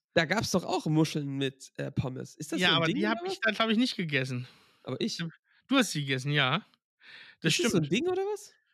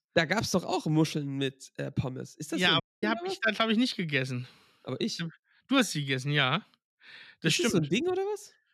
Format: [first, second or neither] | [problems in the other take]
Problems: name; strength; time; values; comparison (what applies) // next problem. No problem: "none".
first | audio cutting out; at 3 s